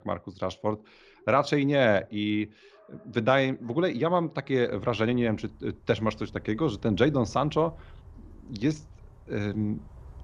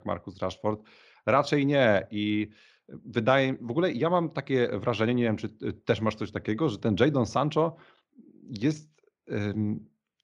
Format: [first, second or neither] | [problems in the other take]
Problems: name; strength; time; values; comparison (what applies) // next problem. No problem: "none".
second | animal sounds; faint; throughout; 25 dB below the speech